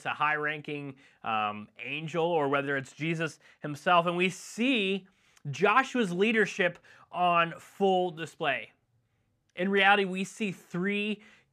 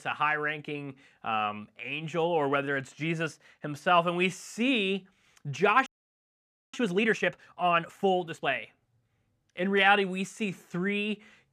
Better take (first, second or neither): first